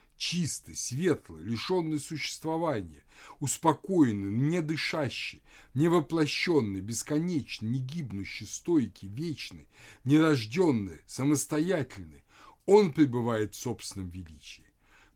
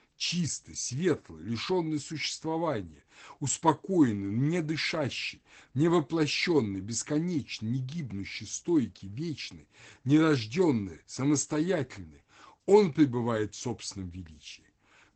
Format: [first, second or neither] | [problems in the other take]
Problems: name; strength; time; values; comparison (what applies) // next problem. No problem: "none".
first | garbled, watery; badly; nothing above 8 kHz; slightly in the first